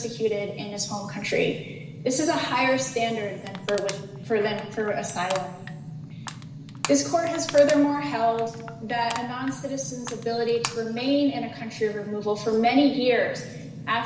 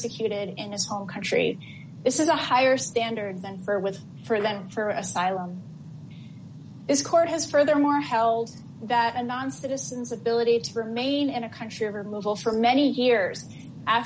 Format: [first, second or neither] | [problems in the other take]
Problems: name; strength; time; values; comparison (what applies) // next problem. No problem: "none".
second | background sound (Crushing); 15 dB below the speech // room echo; dies away in 1.3 s